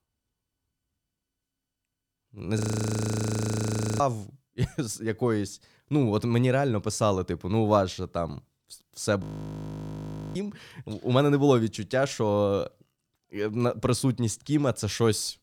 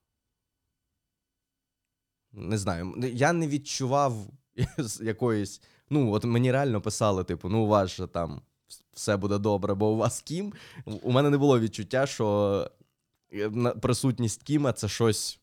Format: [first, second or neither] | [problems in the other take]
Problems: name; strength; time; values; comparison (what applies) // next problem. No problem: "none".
second | audio freezing; at 2.5 s for 1.5 s and at 9 s for 1 s